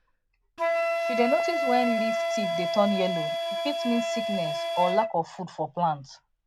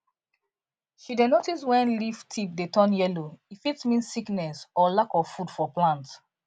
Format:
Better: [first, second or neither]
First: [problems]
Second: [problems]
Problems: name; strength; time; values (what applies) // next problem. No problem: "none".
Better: second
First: background sound (Wind instrument, woodwind instrument); as loud as the speech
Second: none